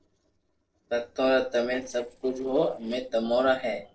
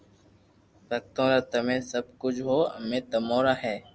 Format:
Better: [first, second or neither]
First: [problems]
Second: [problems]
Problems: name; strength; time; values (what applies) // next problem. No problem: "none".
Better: second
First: noise reduction (neural separator model SepFormer DNS4)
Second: none